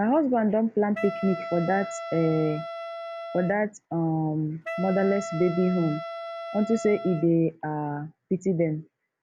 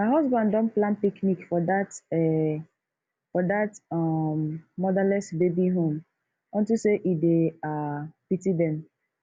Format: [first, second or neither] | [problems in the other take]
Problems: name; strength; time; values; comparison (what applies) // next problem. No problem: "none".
second | background sound (Wind instrument, woodwind instrument); 10 dB below the speech